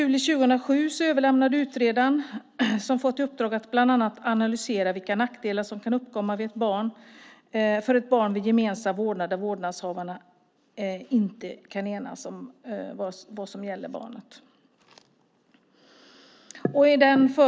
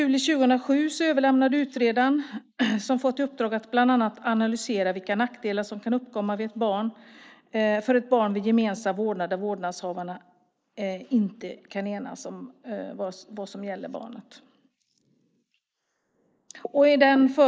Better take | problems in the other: first | noise reduction (neural mask model Resemble Enhance denoiser)

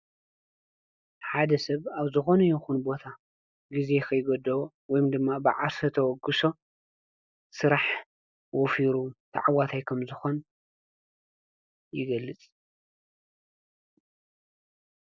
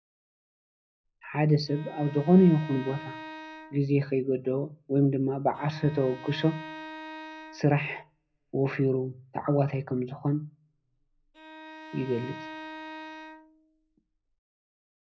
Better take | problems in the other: first | background sound (Bowed string instrument); 16 dB below the speech // room echo; dies away in 0.5 s

